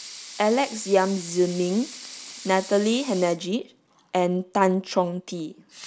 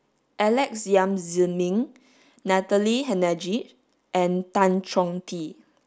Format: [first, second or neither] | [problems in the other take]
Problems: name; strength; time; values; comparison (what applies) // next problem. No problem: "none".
second | background sound (Sink (filling or washing) / Water tap, faucet / Liquid); 17 dB below the speech